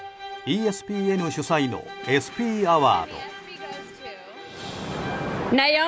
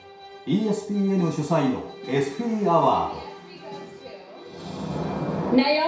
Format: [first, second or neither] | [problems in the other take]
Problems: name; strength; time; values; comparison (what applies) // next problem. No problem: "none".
first | room echo; dies away in 0.6 s